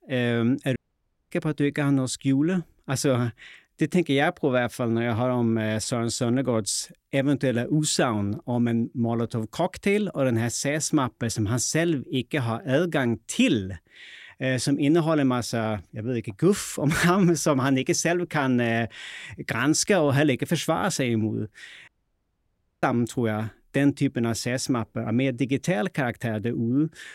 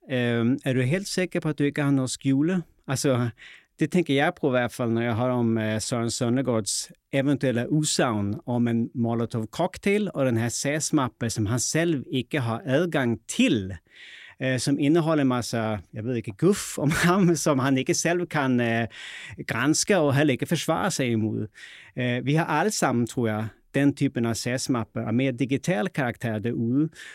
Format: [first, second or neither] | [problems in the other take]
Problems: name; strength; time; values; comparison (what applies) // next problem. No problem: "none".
second | audio cutting out; at 1 s for 0.5 s and at 22 s for 1 s